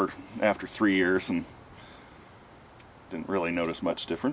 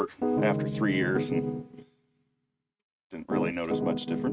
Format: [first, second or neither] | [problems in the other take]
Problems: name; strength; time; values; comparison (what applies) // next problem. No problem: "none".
first | noise reduction (neural mask model RNNoise)